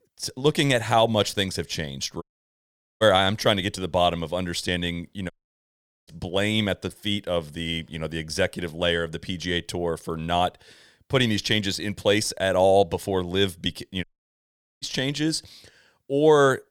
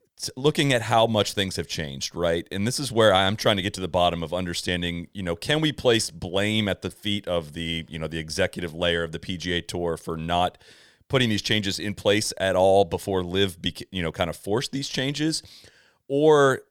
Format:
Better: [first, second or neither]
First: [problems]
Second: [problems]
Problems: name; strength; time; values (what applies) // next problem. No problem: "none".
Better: second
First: audio cutting out; at 2 s for 1 s, at 5.5 s for 1 s and at 14 s for 1 s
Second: none